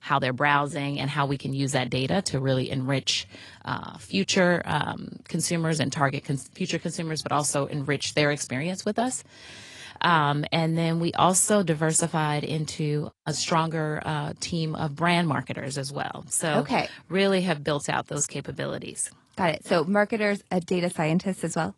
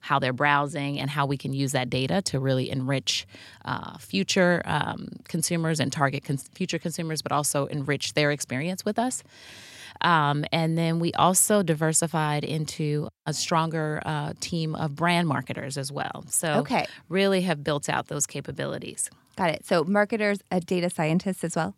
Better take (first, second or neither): second